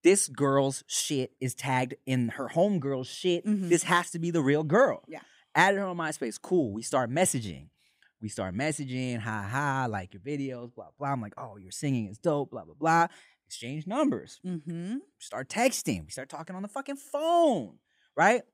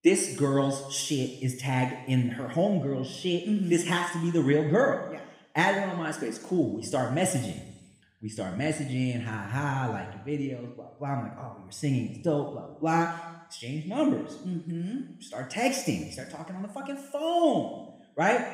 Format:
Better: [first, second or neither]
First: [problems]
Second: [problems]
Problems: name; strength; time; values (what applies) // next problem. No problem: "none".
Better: first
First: none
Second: room echo; noticeable; dies away in 1 s